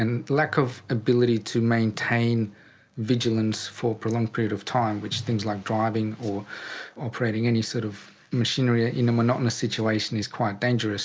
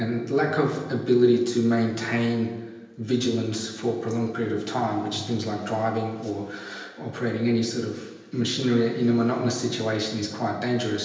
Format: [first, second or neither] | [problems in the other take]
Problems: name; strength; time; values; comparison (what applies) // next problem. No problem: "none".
first | room echo; dies away in 1 s